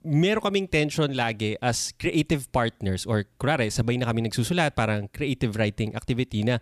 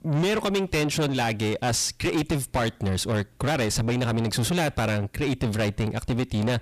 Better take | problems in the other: first | distortion; heavy; 7 dB below the speech

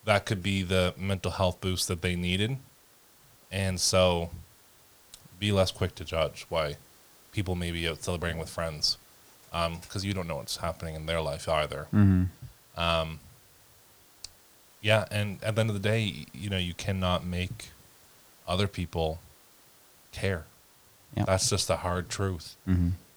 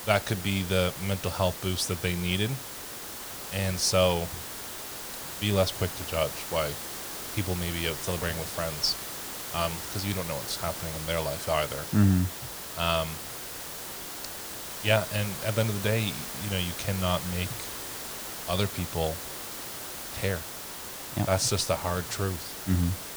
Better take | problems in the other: first | hiss; loud; throughout; 6 dB below the speech; faint in the first

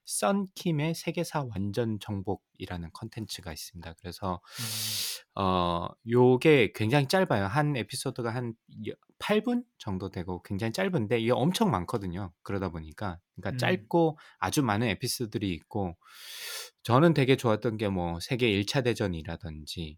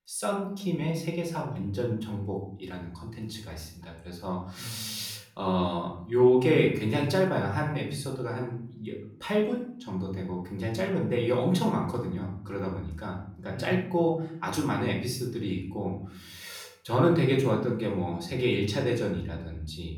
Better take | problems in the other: first | off-mic speech; far // room echo; noticeable; dies away in 0.7 s

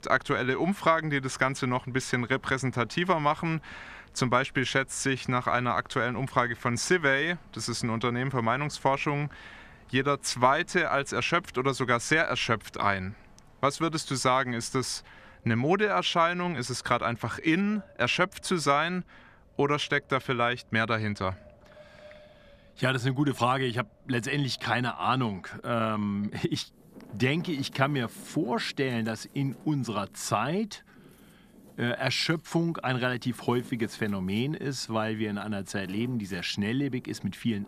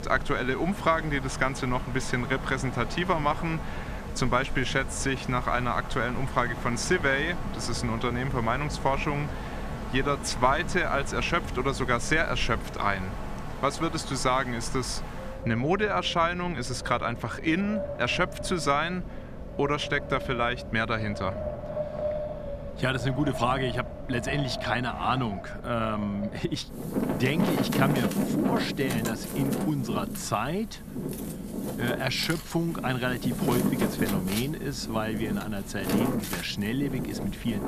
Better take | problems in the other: first | wind in the background; loud; throughout; 6 dB below the speech; faint in the first

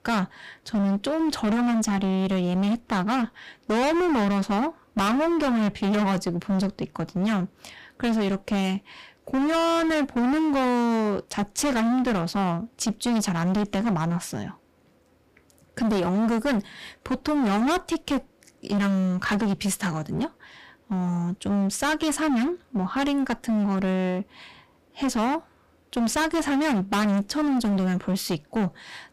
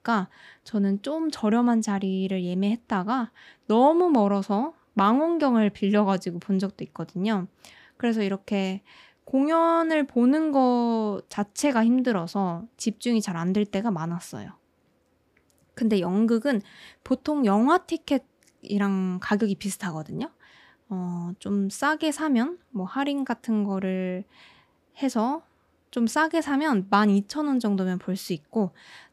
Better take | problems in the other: second | distortion; heavy; 27% of the sound clipped

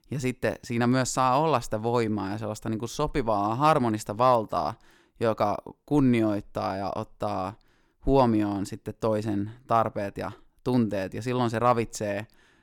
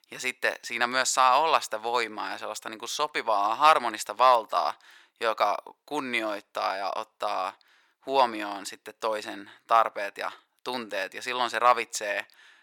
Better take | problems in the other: first | thin; very; fading below 750 Hz

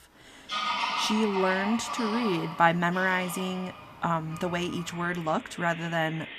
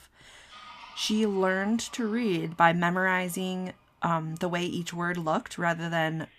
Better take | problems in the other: second | animal sounds; loud; throughout; 6 dB below the speech; faint in the second

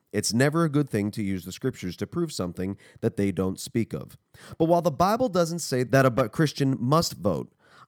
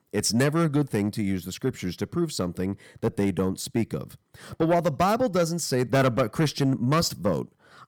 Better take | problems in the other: first | distortion; slight; 10 dB below the speech

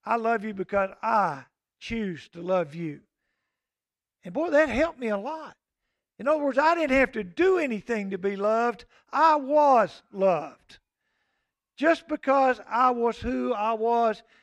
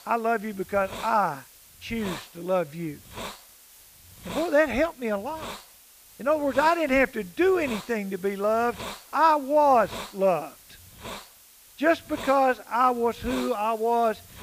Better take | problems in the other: first | hiss; noticeable; throughout; 15 dB below the speech

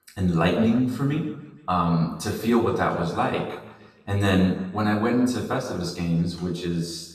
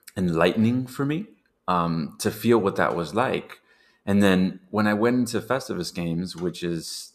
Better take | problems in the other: second | room echo; noticeable; dies away in 1 s // off-mic speech; far

